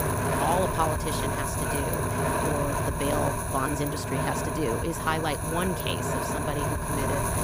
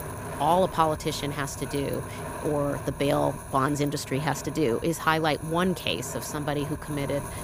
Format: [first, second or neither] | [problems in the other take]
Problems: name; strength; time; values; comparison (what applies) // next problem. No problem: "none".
second | wind noise on the microphone; heavy; 2 dB above the speech; occasional gusts in the second